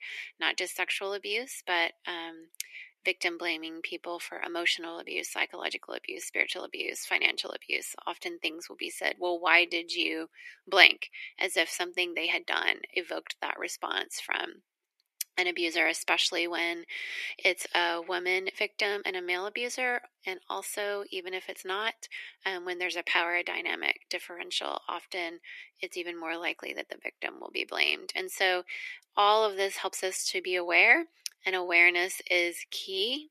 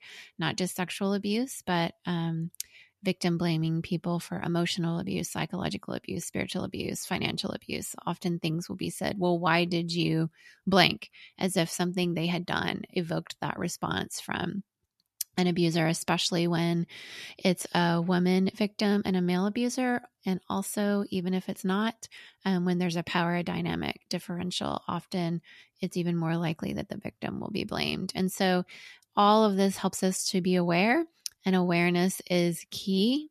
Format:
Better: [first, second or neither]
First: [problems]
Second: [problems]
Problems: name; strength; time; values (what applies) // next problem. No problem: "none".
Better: second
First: thin; very; fading below 350 Hz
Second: none